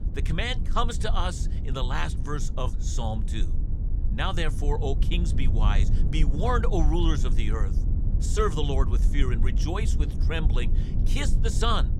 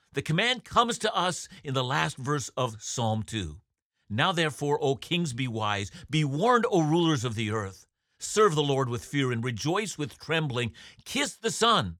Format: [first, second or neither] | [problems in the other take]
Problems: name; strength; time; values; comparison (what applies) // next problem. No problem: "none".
second | low rumble; noticeable; throughout; 10 dB below the speech